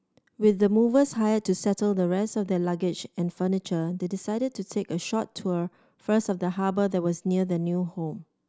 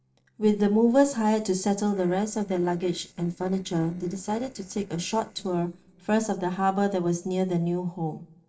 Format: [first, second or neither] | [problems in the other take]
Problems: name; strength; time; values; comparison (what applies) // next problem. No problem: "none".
first | noise reduction (neural separator model SepFormer DNS4)